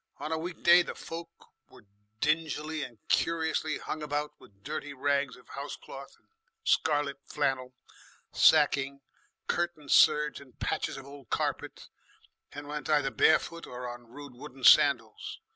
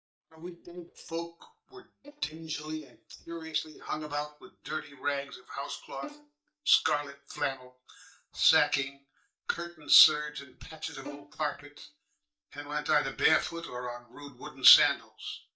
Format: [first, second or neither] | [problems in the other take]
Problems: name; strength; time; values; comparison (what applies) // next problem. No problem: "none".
first | noise reduction (neural mask model DeepFilterNet 3)